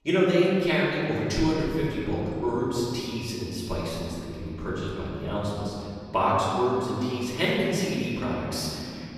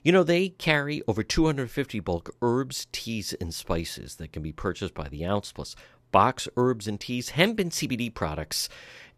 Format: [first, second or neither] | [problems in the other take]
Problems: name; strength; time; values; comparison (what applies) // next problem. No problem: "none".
second | off-mic speech; far // room echo; strong; dies away in 2.9 s